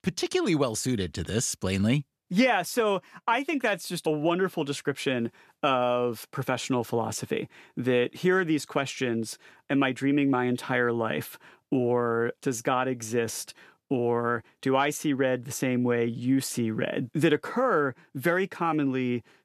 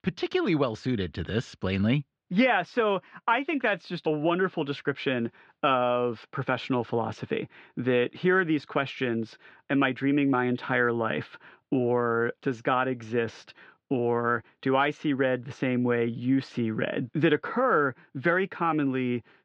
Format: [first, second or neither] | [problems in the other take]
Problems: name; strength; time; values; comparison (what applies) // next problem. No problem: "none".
first | muffled; slightly; fading above 3.5 kHz